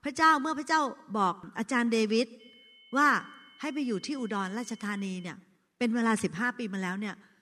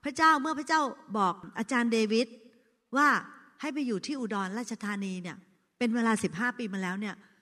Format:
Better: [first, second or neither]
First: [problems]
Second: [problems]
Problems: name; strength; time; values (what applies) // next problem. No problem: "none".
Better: second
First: high-pitched whine; faint; from 2.5 to 5.5 s; 3 kHz, 25 dB below the speech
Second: none